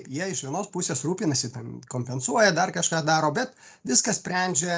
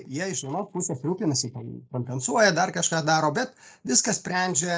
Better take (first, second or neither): first